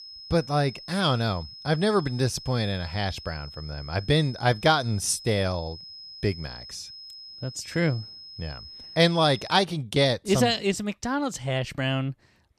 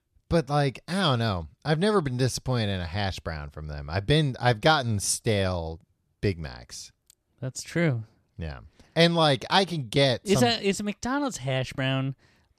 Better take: second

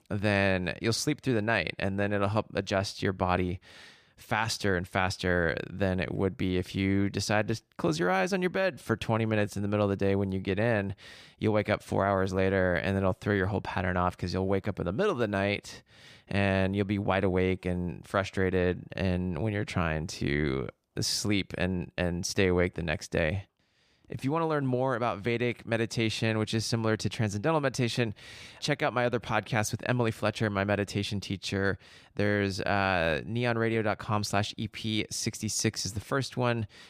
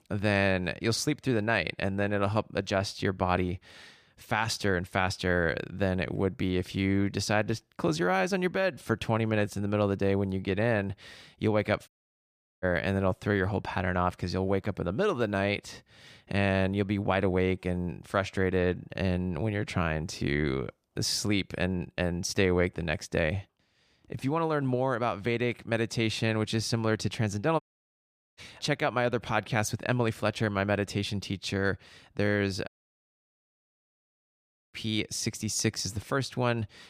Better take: first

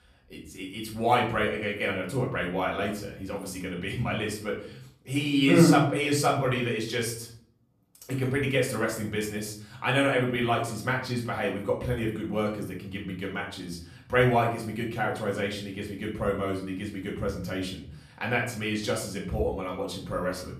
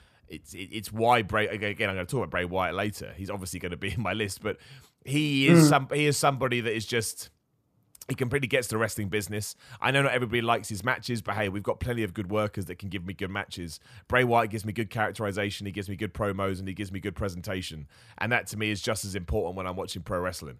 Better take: second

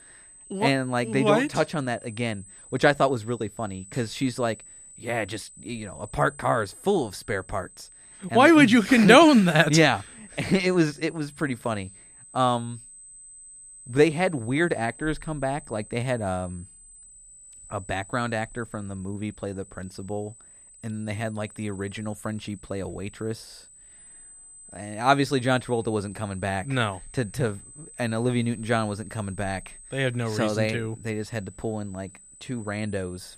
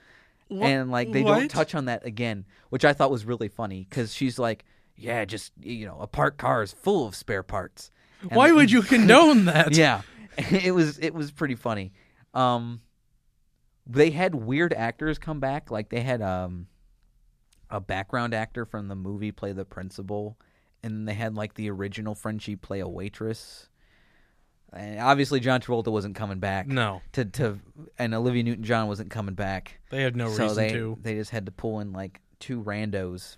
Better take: second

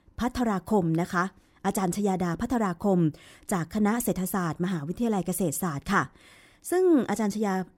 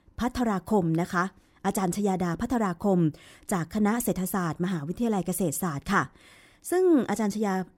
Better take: neither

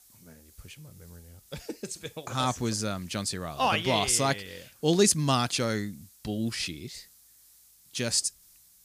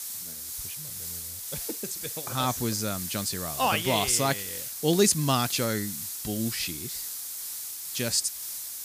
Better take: first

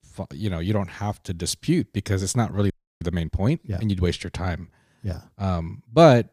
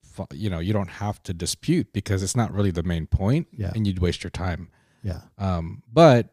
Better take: second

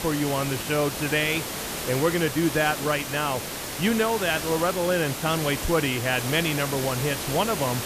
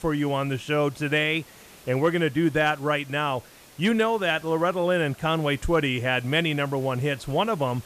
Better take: second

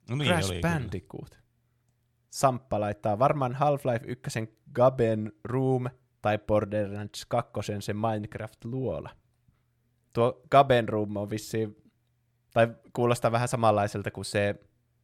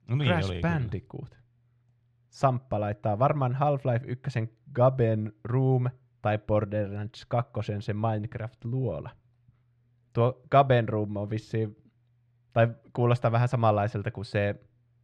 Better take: first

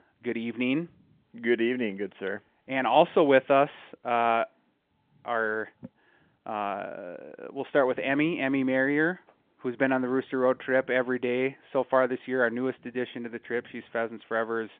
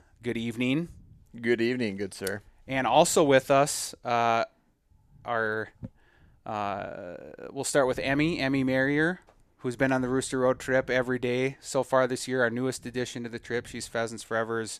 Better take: second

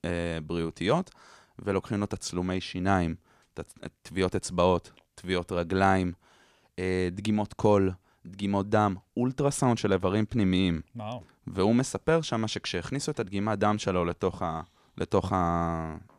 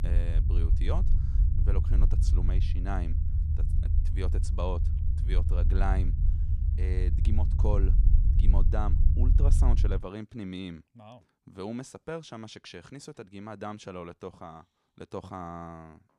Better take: first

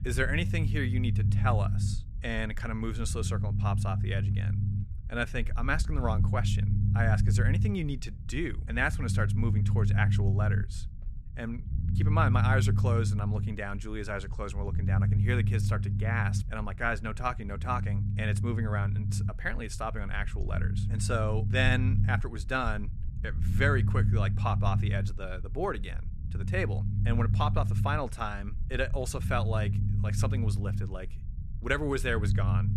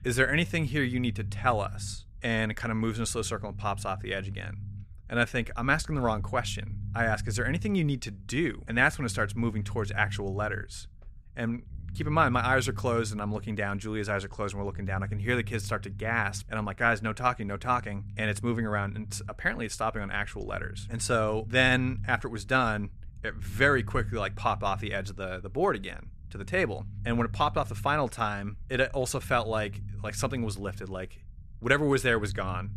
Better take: second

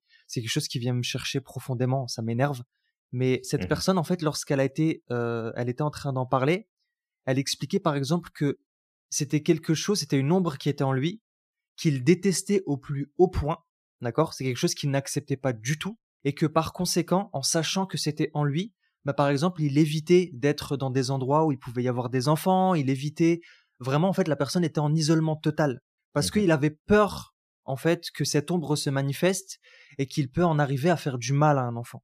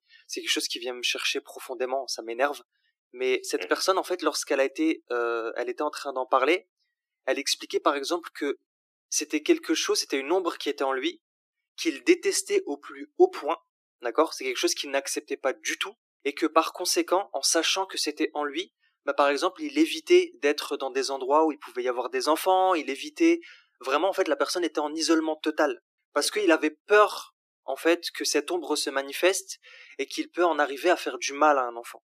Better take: first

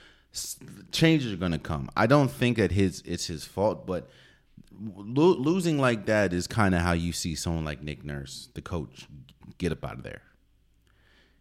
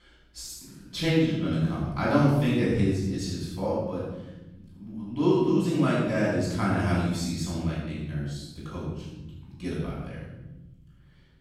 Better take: first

